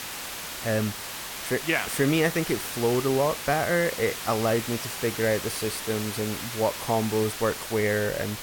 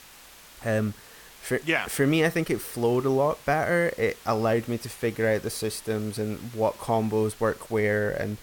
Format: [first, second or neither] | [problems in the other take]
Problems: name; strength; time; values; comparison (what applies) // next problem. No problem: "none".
second | hiss; loud; throughout; 6 dB below the speech; faint in the second